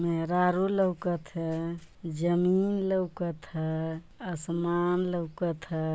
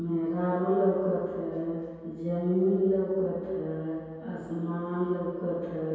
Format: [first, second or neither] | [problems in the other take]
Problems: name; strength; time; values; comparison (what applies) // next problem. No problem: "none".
first | room echo; dies away in 2.2 s